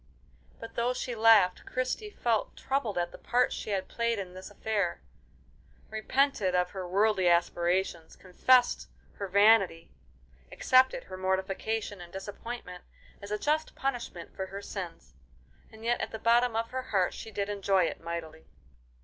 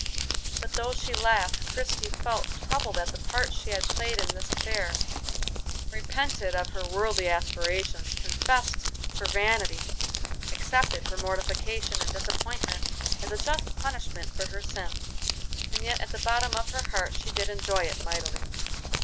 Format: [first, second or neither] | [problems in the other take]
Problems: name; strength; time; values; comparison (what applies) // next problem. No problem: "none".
first | background sound (Crumpling, crinkling); 3 dB above the speech